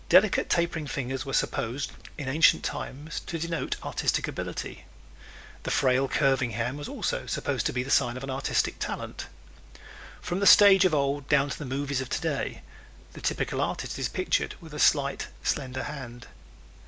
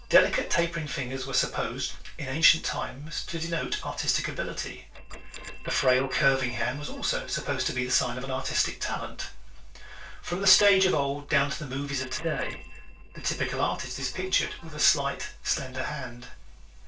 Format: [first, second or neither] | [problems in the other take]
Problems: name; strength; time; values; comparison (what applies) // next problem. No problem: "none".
first | noise reduction (neural separator model SepFormer DNS4)